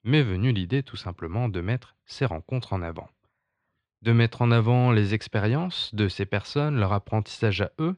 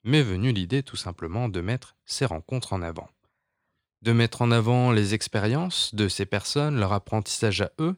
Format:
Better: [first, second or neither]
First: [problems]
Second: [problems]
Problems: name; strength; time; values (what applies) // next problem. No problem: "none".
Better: second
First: muffled; very slightly; fading above 3 kHz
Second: none